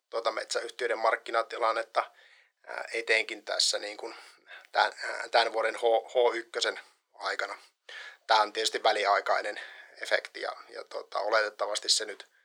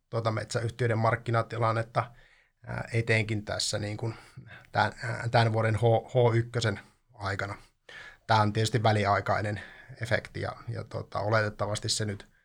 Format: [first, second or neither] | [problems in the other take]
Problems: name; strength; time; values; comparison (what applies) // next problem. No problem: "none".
second | thin; very; fading below 400 Hz